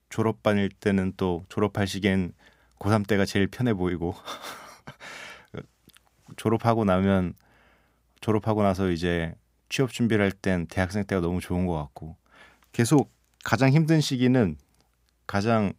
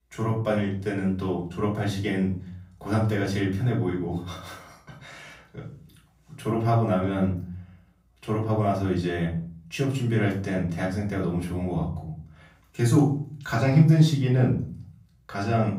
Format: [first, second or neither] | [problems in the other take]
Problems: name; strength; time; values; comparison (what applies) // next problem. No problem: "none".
first | off-mic speech; far // room echo; slight; dies away in 0.5 s